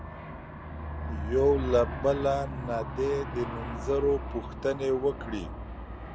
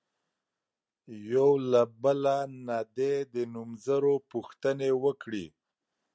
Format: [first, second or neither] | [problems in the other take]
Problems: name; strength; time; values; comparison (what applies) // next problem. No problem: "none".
second | background sound (Aircraft); 6 dB below the speech